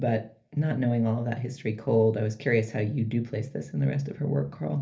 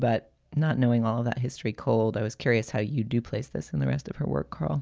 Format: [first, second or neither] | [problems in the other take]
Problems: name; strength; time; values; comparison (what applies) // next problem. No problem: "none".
second | room echo; dies away in 0.3 s